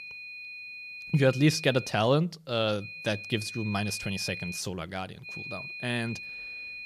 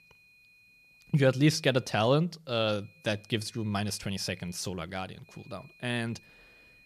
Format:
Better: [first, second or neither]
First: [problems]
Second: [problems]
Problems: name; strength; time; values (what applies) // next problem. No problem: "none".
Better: second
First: high-pitched whine; loud; until 2 s, from 3 to 4.5 s and from 5.5 s on; 2.5 kHz, 10 dB below the speech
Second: high-pitched whine; faint; until 2 s, from 3 to 4.5 s and from 5.5 s on; 2.5 kHz, 30 dB below the speech